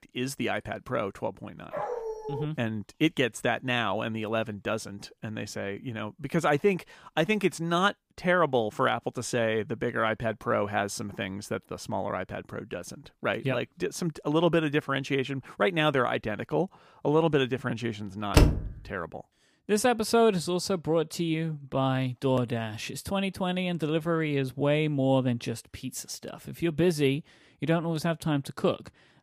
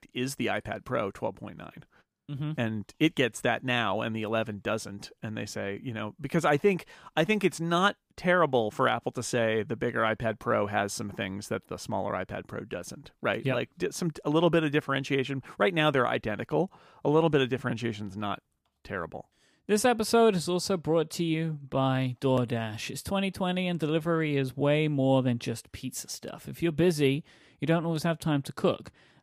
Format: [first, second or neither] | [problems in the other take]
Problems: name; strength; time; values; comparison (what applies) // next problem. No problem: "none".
second | dog barking; noticeable; at 1.5 s; peak 5 dB below the speech // door banging; loud; at 18 s; peak 6 dB above the speech